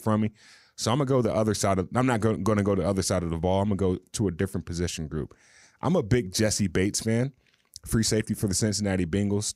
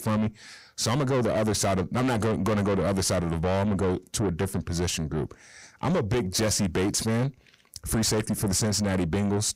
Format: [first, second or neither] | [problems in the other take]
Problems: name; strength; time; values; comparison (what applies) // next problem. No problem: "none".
first | distortion; heavy; 7 dB below the speech